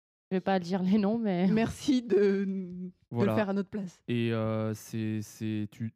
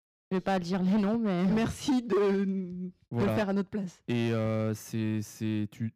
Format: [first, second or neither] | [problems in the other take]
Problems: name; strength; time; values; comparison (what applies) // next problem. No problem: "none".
first | distortion; slight; 10% of the sound clipped